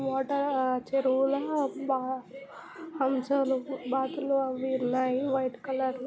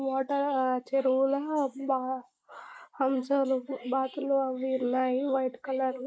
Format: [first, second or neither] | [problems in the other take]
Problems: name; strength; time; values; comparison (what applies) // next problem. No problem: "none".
first | noise reduction (neural mask model Resemble Enhance denoiser)